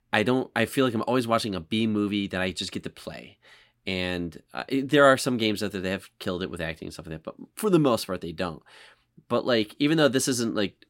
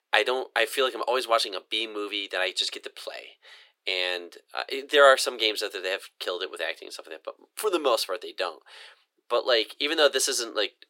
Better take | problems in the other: first | thin; very; fading below 400 Hz

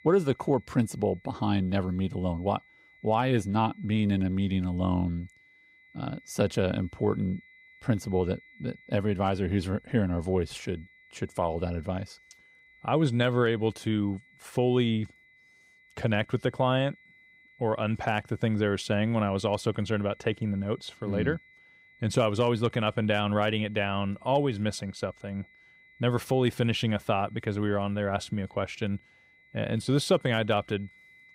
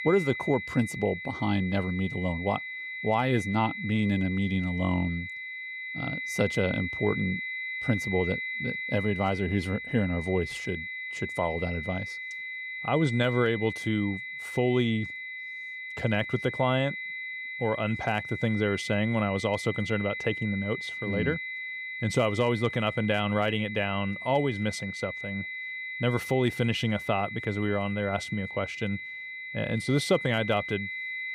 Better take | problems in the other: first | high-pitched whine; loud; throughout; 2 kHz, 6 dB below the speech; faint in the first

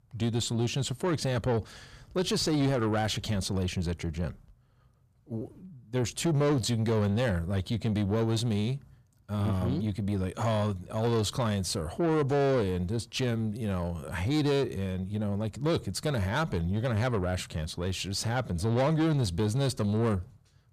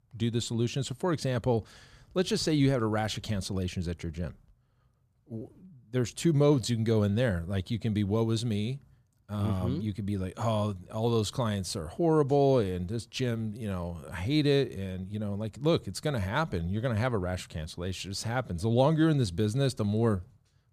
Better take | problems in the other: second | distortion; slight; 10 dB below the speech

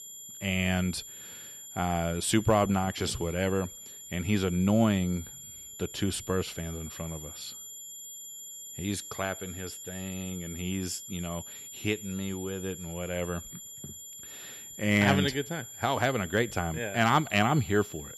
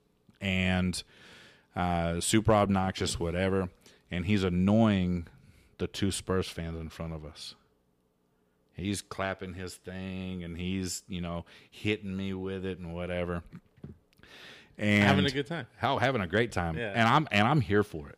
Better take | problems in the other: second | high-pitched whine; noticeable; throughout; 7 kHz, 10 dB below the speech

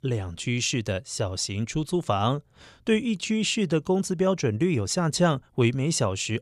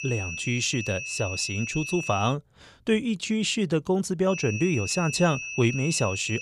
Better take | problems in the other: first | high-pitched whine; loud; until 2.5 s and from 4.5 s on; 2.5 kHz, 6 dB below the speech

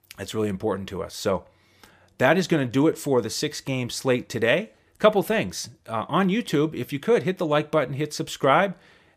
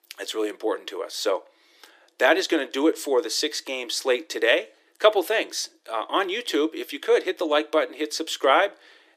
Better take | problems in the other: first | thin; somewhat; fading below 300 Hz

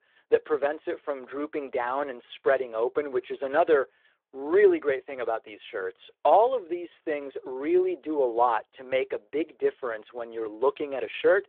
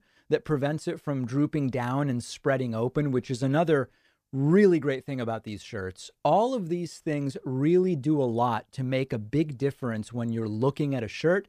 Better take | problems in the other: second | phone-call audio

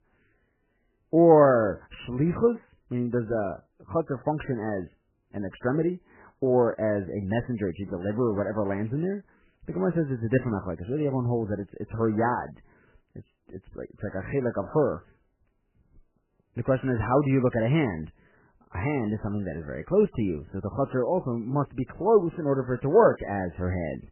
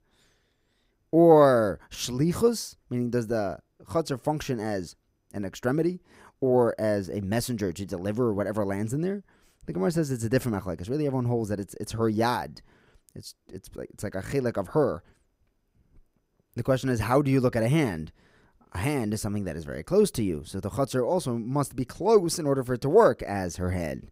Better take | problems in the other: second | garbled, watery; badly; nothing above 3 kHz

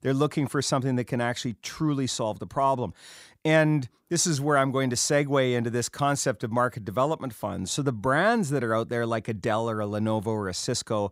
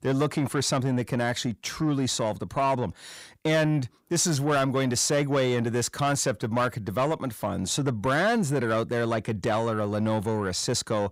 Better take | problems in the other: first | distortion; slight; 10 dB below the speech

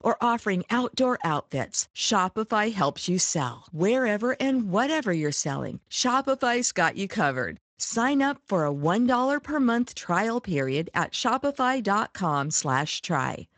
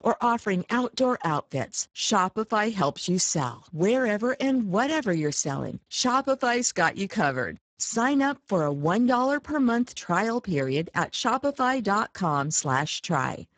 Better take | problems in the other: first | garbled, watery; badly; nothing above 7.5 kHz; slightly in the first

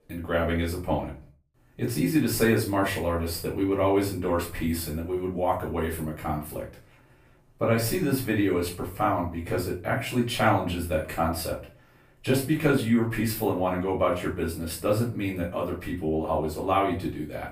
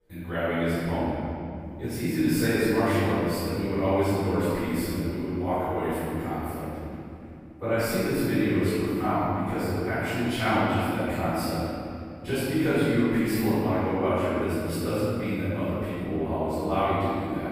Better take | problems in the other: first | room echo; strong; dies away in 3 s; slight in the first // off-mic speech; far; far in the first

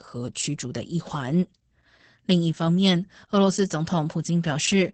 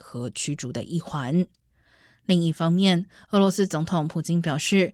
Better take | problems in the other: second | garbled, watery; badly; nothing above 8 kHz; slightly in the second

